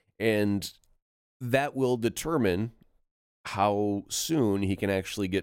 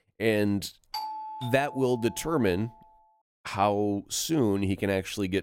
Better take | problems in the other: first | doorbell; noticeable; from 1 to 2.5 s; peak 7 dB below the speech

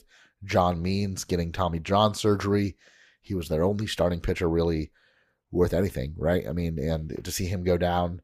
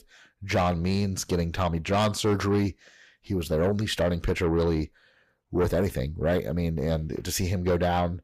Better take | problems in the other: first | distortion; slight; 10 dB below the speech

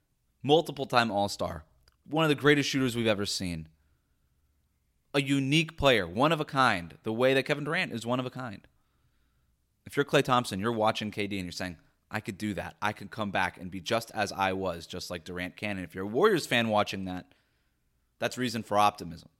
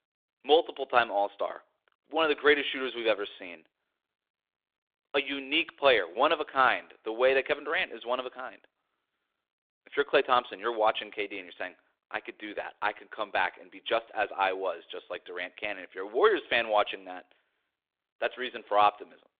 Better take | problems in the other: first | phone-call audio

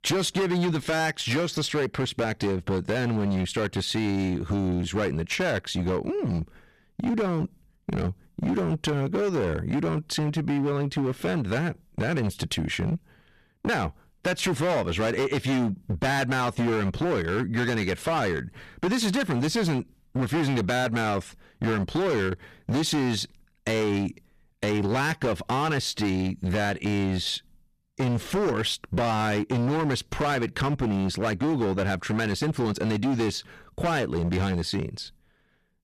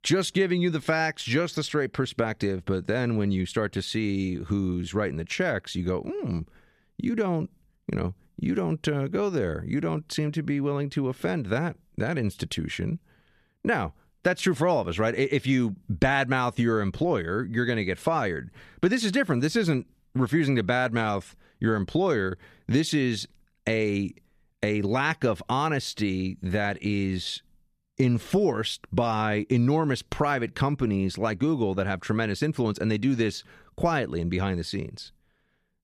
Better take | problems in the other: second | distortion; heavy; 20% of the sound clipped

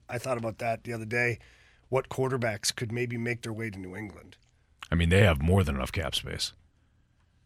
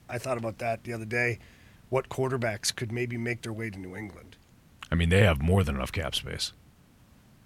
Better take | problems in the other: first | hiss; faint; throughout; 30 dB below the speech

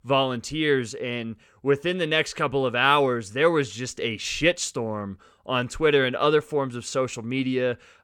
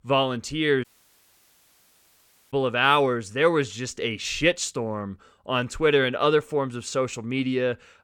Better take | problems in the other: first | audio cutting out; at 1 s for 1.5 s

